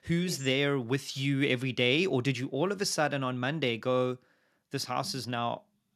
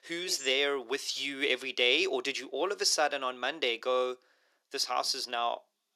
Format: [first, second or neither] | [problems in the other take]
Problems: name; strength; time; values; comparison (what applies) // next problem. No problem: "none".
first | thin; very; fading below 400 Hz